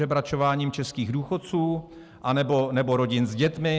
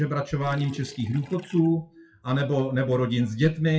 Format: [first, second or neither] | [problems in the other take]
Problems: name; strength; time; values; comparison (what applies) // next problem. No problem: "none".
first | noise reduction (classical method WPE with log-MMSE)